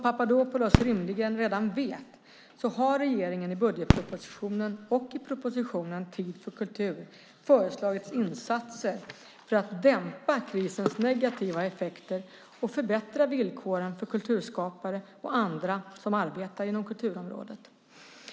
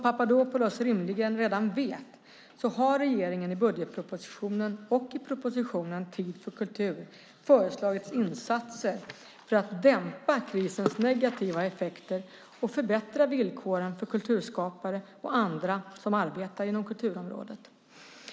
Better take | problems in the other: second | background sound (Fireworks); 1 dB below the speech

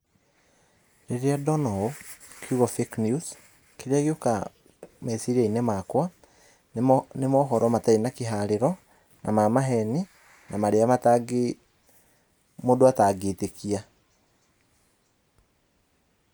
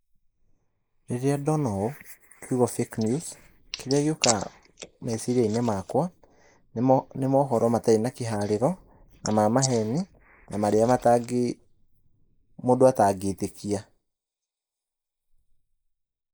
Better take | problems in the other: first | noise reduction (neural mask model Resemble Enhance denoiser)

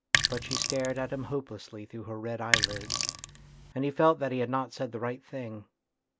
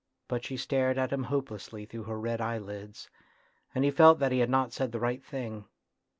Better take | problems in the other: second | background sound (Sink (filling or washing)); 2 dB above the speech

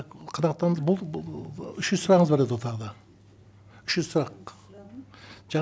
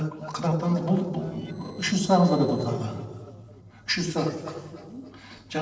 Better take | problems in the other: first | noise reduction (neural separator model SepFormer DNS4)

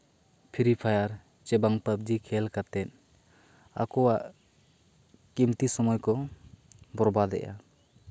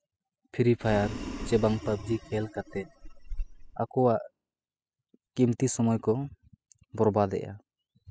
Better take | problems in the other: first | noise reduction (classical method spectral subtraction)

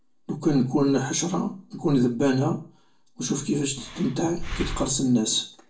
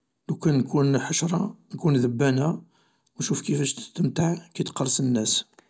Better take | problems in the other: second | background sound (Breathing); 10 dB below the speech // room echo; dies away in 0.3 s

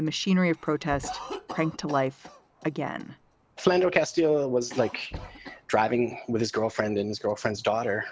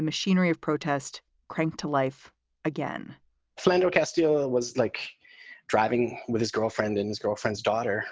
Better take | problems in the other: second | background sound (Knock / Wood + Cough); 17 dB below the speech

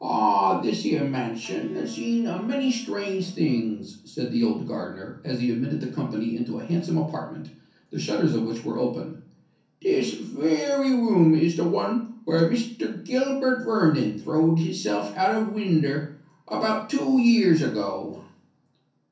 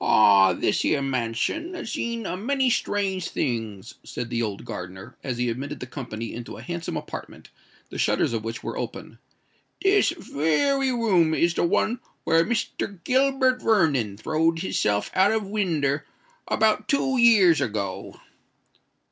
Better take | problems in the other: second | background sound (Electric guitar); 18 dB below the speech // room echo; dies away in 0.6 s

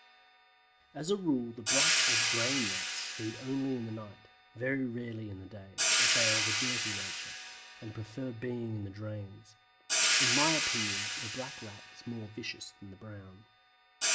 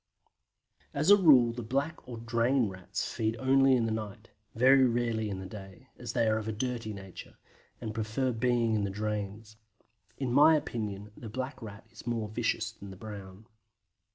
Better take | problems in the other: second | background sound (Hi-hat); 4 dB above the speech

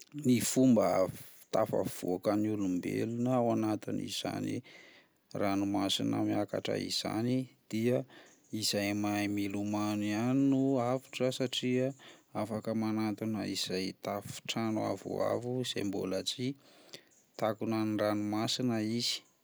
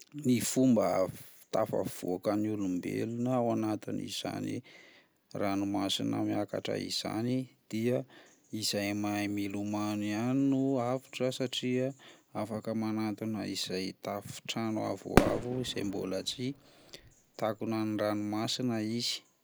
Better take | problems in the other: first | background sound (Fireworks); 2 dB below the speech

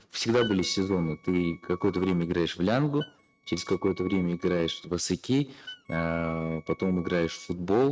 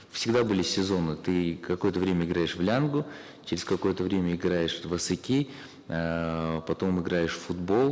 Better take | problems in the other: second | noise reduction (neural mask model RNNoise)

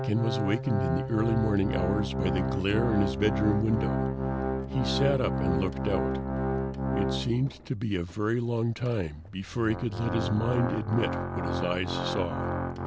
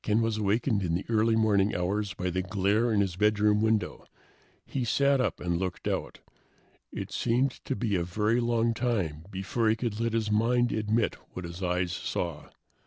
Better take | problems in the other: second | background sound (Organ); 1 dB below the speech

